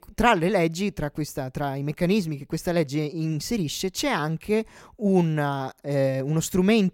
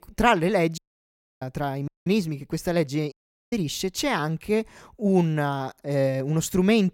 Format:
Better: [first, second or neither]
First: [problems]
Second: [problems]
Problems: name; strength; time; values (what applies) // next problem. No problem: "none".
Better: first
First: none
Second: audio cutting out; at 1 s for 0.5 s, at 2 s and at 3 s